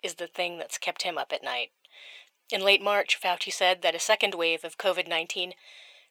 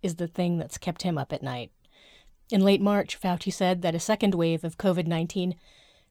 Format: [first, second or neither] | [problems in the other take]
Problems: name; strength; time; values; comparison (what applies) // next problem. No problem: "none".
second | thin; very; fading below 500 Hz